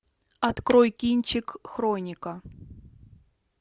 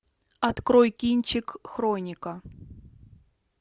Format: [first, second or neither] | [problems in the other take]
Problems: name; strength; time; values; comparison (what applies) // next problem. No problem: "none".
second | background sound (Finger snapping); 14 dB below the speech